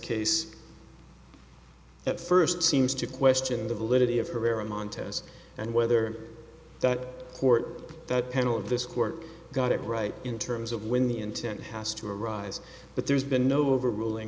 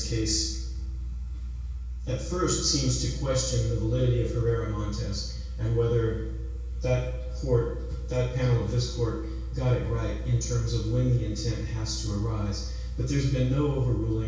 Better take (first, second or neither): first